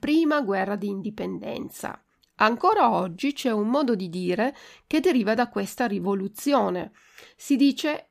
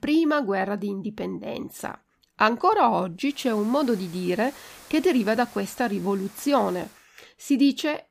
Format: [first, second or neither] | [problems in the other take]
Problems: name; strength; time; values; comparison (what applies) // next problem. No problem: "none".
first | hiss; faint; from 3.5 to 7 s; 20 dB below the speech